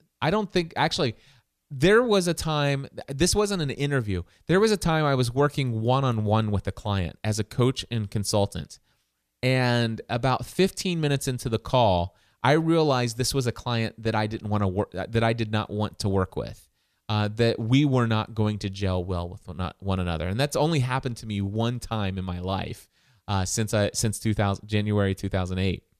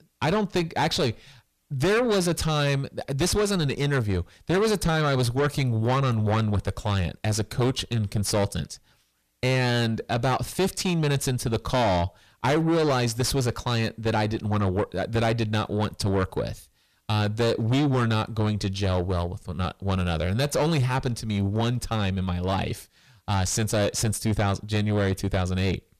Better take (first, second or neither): first